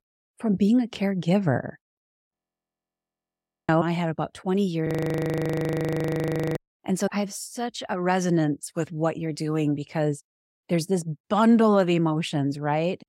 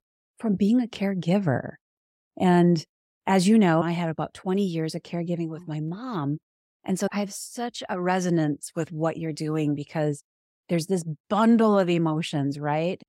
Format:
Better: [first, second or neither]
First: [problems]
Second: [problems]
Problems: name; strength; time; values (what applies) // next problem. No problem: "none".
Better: second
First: audio freezing; at 2.5 s for 1.5 s and at 5 s for 1.5 s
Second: none